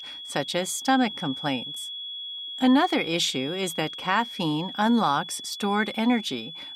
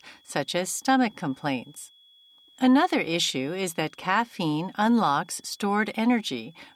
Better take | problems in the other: second | high-pitched whine; loud; throughout; 3.5 kHz, 9 dB below the speech; faint in the second

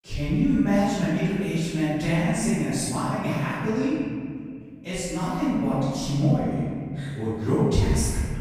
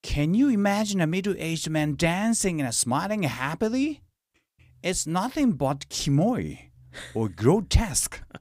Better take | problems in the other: second | room echo; strong; dies away in 2.5 s // off-mic speech; far

